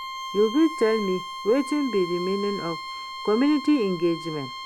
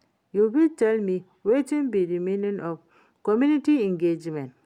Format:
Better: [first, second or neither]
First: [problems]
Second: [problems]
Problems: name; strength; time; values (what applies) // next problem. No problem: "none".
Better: second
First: background sound (Bowed string instrument); 10 dB below the speech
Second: none